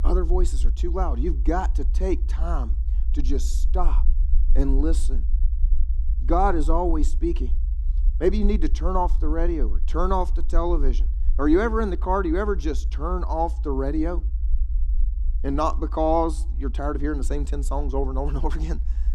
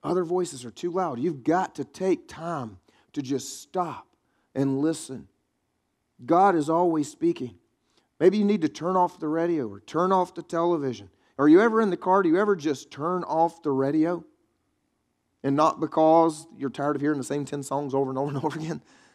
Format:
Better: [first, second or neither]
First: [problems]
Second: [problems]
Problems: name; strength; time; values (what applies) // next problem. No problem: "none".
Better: second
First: low rumble; faint; throughout; 20 dB below the speech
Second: none